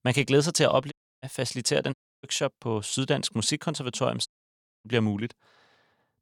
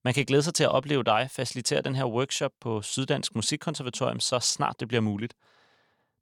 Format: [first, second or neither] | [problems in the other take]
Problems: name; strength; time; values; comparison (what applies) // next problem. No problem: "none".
second | audio cutting out; at 1 s, at 2 s and at 4.5 s for 0.5 s